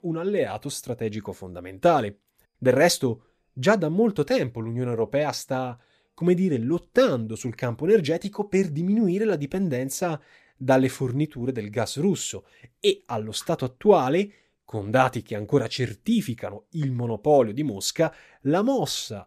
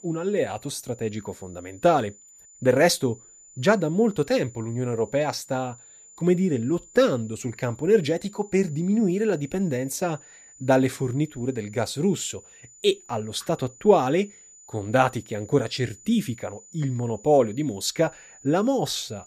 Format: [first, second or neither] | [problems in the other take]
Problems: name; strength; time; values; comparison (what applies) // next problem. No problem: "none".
first | high-pitched whine; faint; throughout; 7 kHz, 25 dB below the speech